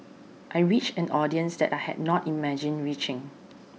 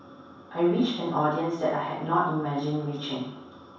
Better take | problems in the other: first | room echo; dies away in 0.7 s

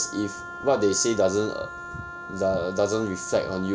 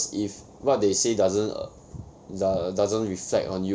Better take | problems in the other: second | background sound (Wind instrument, woodwind instrument); 12 dB below the speech

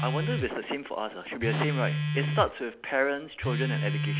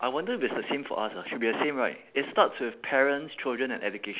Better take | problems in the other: second | background sound (Telephone); as loud as the speech

